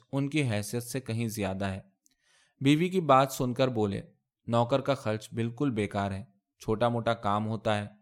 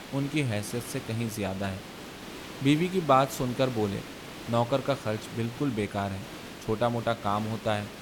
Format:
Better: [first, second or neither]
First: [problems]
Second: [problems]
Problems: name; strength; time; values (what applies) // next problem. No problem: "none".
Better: first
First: none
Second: hiss; noticeable; throughout; 10 dB below the speech